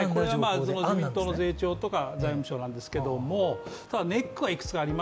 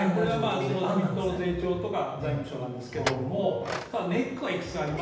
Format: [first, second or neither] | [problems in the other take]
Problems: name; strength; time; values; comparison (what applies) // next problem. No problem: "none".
first | background sound (Chink, clink); 14 dB below the speech // room echo; dies away in 0.9 s